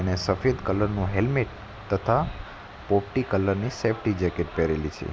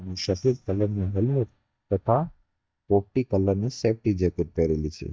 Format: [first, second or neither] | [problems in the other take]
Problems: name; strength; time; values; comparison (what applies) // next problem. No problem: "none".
first | noise reduction (neural mask model DeepFilterNet 3)